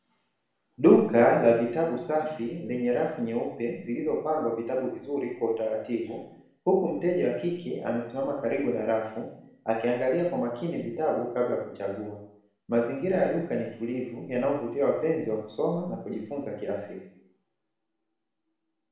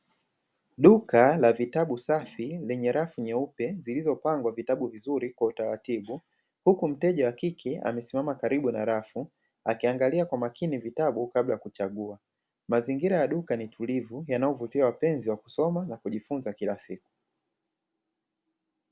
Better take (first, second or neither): second